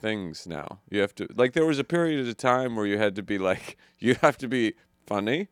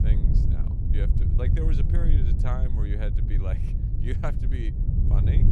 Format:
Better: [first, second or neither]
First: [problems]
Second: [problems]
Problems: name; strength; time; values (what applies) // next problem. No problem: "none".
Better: first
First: none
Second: low rumble; loud; throughout; 1 dB below the speech